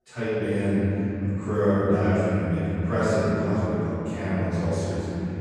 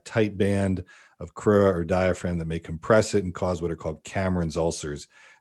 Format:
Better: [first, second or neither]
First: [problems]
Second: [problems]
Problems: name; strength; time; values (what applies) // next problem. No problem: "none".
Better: second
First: off-mic speech; far // room echo; strong; dies away in 3 s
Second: none